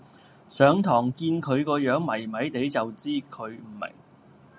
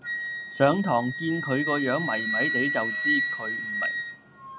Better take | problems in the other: first | background sound (Wind instrument, woodwind instrument); 1 dB below the speech

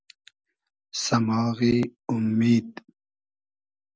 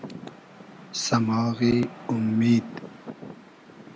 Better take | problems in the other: first | background sound (Rain); 16 dB below the speech

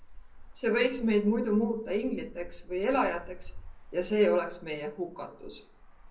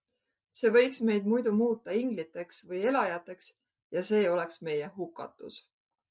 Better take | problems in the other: second | background sound (Traffic noise, roadway noise); 15 dB below the speech // room echo; dies away in 0.5 s

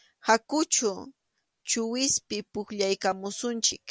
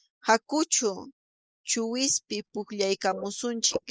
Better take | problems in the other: first | noise reduction (neural mask model Resemble Enhance denoiser)

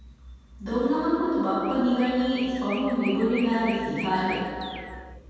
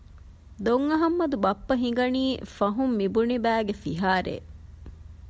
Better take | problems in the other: second | background sound (Chirp, tweet); 17 dB below the speech // room echo; dies away in 2.1 s

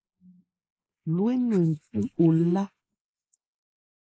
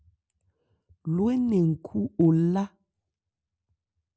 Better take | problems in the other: second | noise reduction (neural mask model Resemble Enhance denoiser)

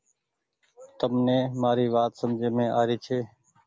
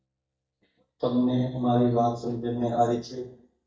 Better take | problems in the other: first | noise reduction (neural mask model DeepFilterNet 3)

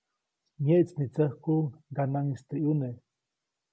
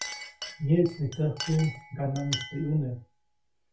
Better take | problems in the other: first | background sound (Chink, clink); 12 dB below the speech // room echo; dies away in 0.2 s

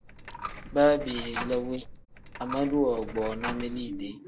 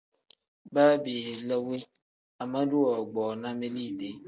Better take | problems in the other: second | background sound (Coin (dropping)); 10 dB below the speech

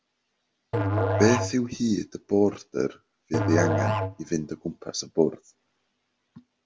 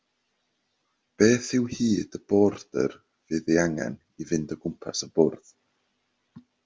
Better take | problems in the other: second | background sound (Musical instrument); 2 dB below the speech

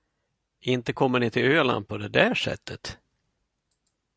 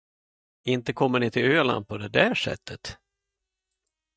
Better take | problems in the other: first | noise reduction (neural mask model DeepFilterNet 3)

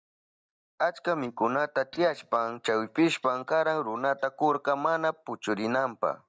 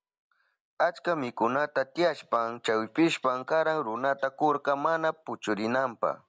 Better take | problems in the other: second | noise reduction (neural mask model DeepFilterNet 3)

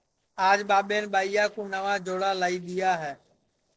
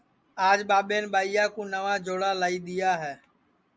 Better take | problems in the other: second | noise reduction (neural separator model SepFormer DNS4)

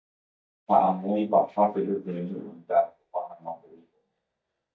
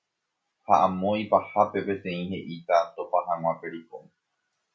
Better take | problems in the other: second | noise reduction (neural mask model DeepFilterNet 3)

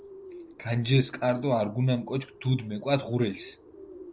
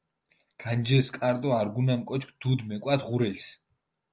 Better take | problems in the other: second | background sound (Bird); 19 dB below the speech

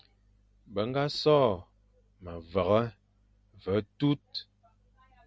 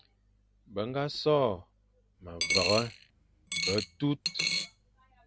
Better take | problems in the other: first | background sound (Coin (dropping)); as loud as the speech

